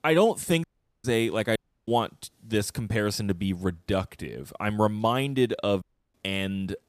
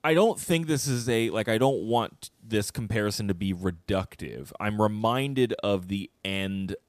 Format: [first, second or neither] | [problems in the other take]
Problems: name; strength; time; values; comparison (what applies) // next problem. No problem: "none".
second | audio cutting out; at 0.5 s, at 1.5 s and at 6 s